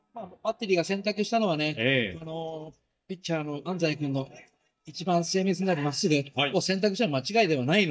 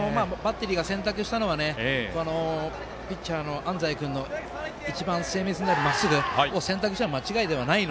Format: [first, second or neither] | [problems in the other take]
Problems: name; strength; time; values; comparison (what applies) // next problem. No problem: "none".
second | noise reduction (neural mask model DeepFilterNet 3)